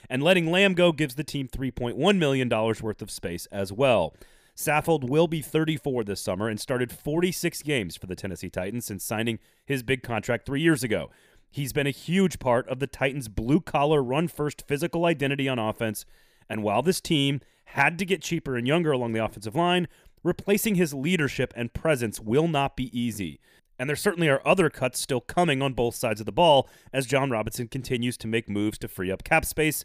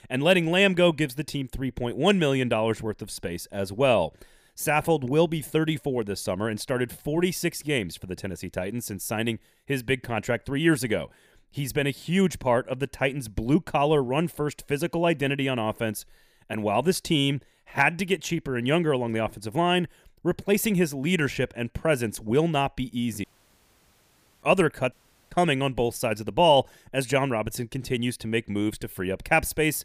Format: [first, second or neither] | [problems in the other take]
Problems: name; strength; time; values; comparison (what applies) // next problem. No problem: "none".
first | audio cutting out; at 23 s for 1 s and at 25 s